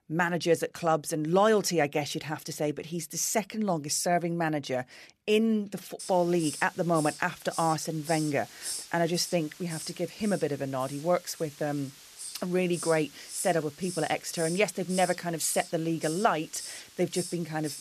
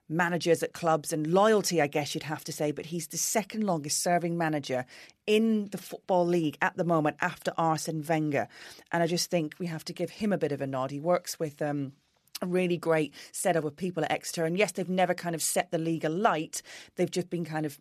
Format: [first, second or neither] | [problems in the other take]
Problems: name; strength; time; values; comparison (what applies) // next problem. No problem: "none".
second | hiss; noticeable; from 6 s on; 10 dB below the speech